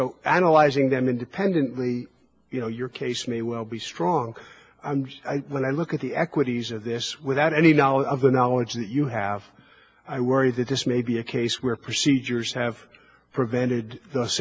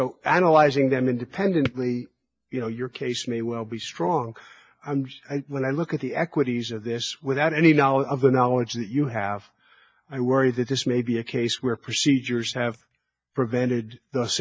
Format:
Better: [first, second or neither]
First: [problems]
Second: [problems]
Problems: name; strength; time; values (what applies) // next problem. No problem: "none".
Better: first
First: none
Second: noise reduction (neural mask model DeepFilterNet 3)